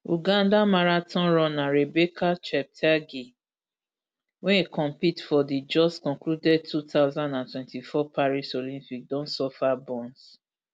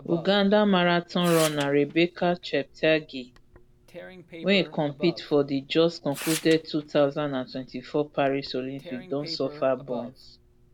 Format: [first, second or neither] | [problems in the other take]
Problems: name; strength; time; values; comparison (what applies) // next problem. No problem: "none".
first | background sound (Tearing); 16 dB below the speech